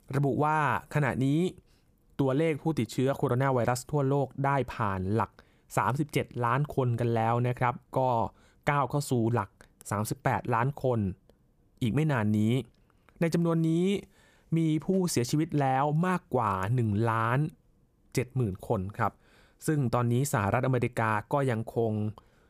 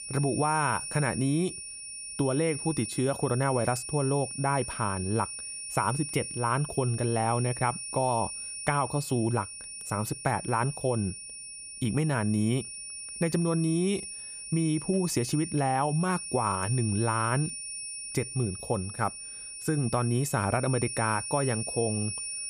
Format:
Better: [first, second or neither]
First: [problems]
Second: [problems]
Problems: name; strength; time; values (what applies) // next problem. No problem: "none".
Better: first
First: none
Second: high-pitched whine; loud; throughout; 9.5 kHz, 7 dB below the speech